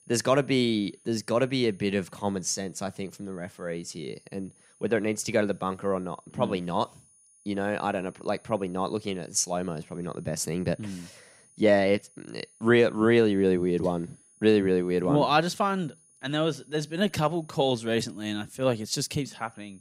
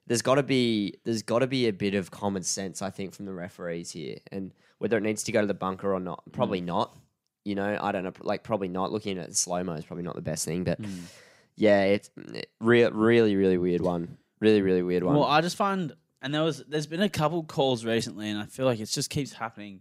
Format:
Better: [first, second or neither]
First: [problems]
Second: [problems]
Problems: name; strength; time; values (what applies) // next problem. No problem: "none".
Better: second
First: high-pitched whine; faint; throughout; 9.5 kHz, 30 dB below the speech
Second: none